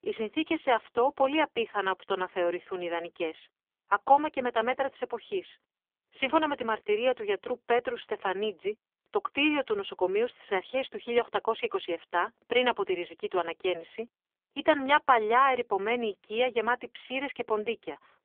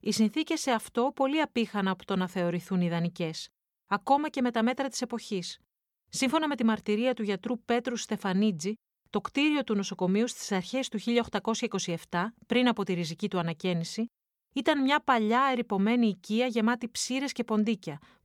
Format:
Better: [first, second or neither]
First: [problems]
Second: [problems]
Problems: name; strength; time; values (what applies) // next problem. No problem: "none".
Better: second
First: phone-call audio; poor line; nothing above 3.5 kHz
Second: none